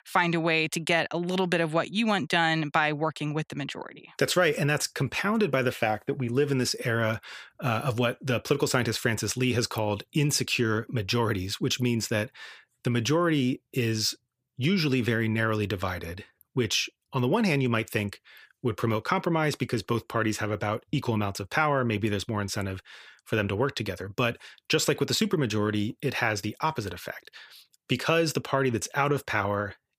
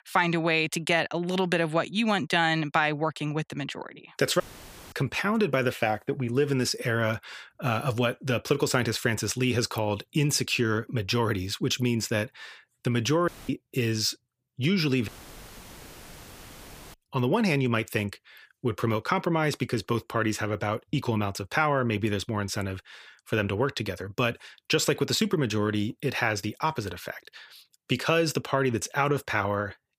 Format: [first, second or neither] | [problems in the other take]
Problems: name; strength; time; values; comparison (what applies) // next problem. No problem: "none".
first | audio cutting out; filled with static; at 4.5 s for 0.5 s, at 13 s and at 15 s for 2 s